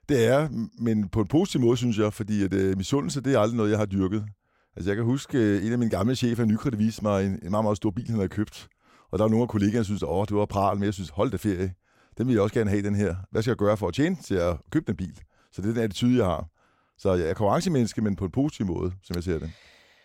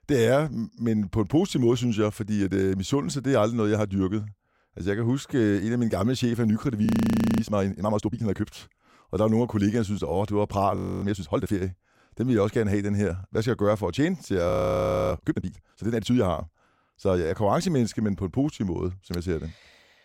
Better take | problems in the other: first | audio freezing; at 7 s for 0.5 s, at 11 s and at 15 s for 0.5 s

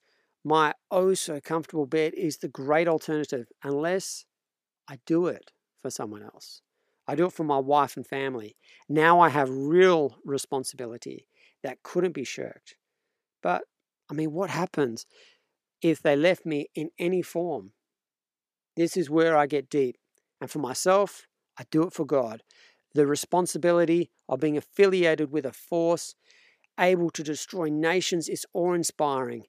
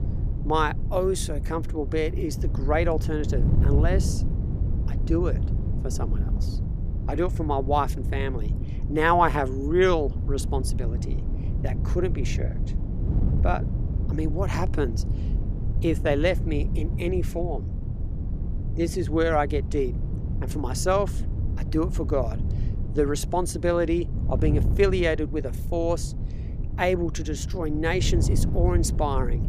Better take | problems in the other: first | wind noise on the microphone; occasional gusts; 15 dB below the speech

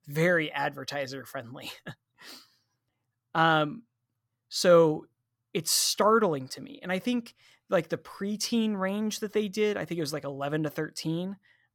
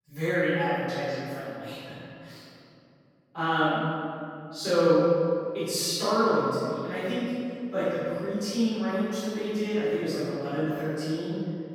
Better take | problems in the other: first | off-mic speech; far // room echo; strong; dies away in 2.4 s

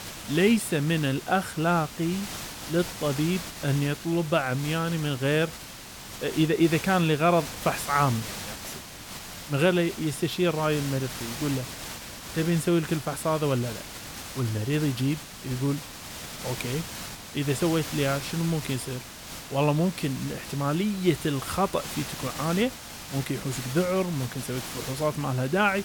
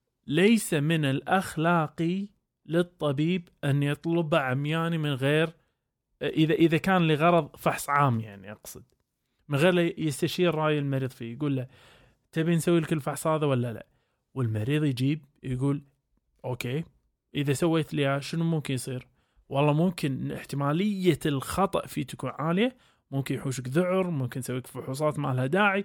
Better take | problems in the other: second | hiss; loud; throughout; 10 dB below the speech

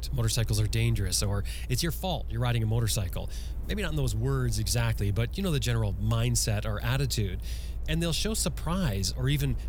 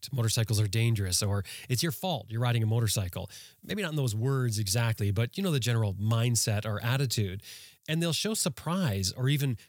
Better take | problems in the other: second | low rumble; faint; throughout; 20 dB below the speech

